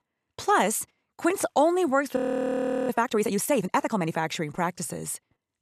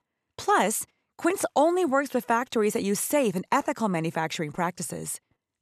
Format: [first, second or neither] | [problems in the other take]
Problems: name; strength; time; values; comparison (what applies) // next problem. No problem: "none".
second | audio freezing; at 2 s for 0.5 s